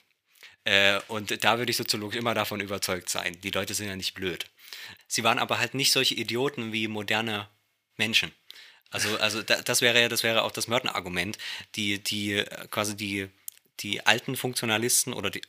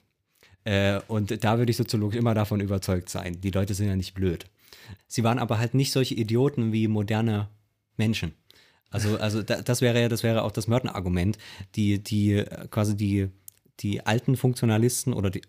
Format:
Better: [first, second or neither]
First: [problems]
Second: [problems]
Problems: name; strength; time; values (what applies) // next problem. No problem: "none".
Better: second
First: thin; somewhat; fading below 1 kHz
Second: none